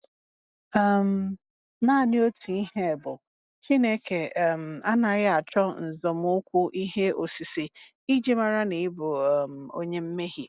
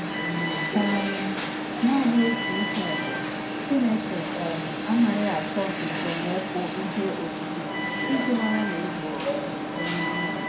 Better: first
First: none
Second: background sound (Alarm); 1 dB below the speech // room echo; dies away in 0.4 s

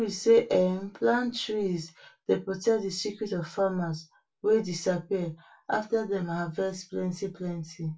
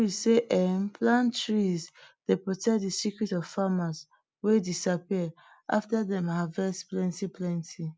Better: second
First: room echo; dies away in 0.2 s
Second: none

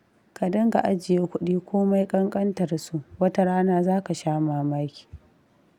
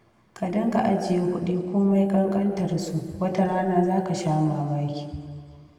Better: first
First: none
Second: room echo; dies away in 1.8 s

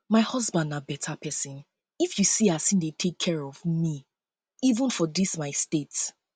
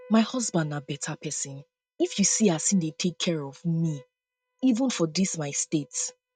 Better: first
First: none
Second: noise reduction (neural mask model RNNoise)

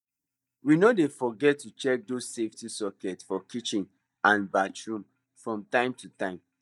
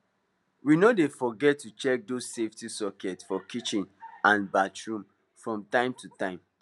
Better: second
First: noise reduction (neural mask model DeepFilterNet 3)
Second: none

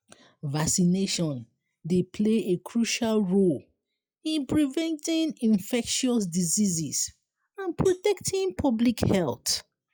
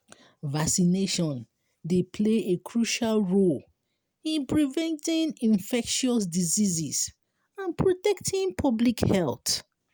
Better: second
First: noise reduction (classical method log-MMSE)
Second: none

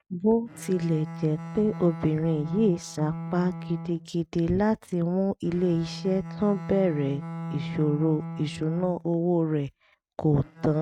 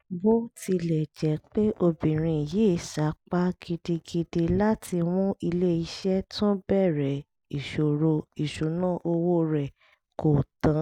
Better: second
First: noise reduction (neural mask model RNNoise)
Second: none

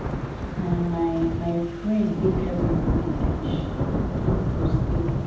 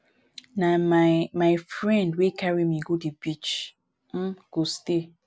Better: second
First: background sound (Thunder / Rain); 2 dB above the speech // room echo; dies away in 0.8 s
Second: none

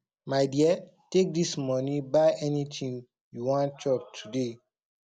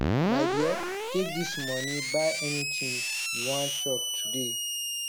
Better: first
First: none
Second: background sound (Screech); 3 dB above the speech

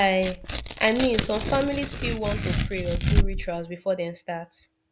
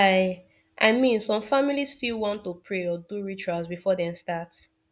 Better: second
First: background sound (Tearing); 1 dB below the speech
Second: none

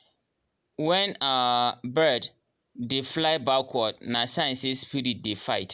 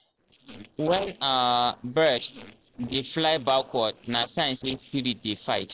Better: first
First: none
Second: noise reduction (neural separator model SepFormer DNS4)

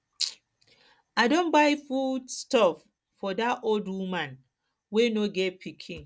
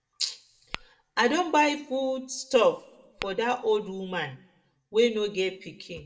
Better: first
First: none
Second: background sound (Tap / Glass); 20 dB below the speech // room echo; dies away in 0.4 s

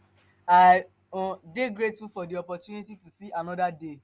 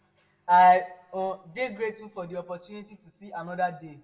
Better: first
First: none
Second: room echo; dies away in 0.5 s

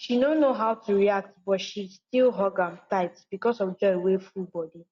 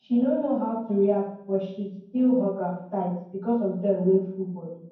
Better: first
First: none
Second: room echo; dies away in 0.9 s

